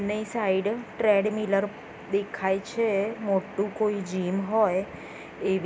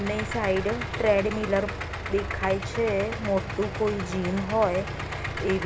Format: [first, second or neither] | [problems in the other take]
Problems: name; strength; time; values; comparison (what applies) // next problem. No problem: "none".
first | background sound (Idling); 6 dB below the speech